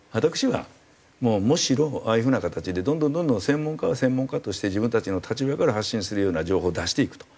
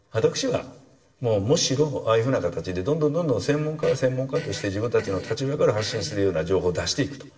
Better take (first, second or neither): first